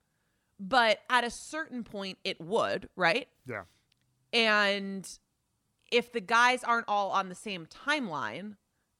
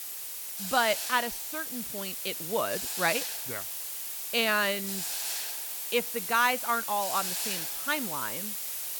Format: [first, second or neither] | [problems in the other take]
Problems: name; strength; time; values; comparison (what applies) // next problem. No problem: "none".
first | hiss; loud; throughout; 2 dB below the speech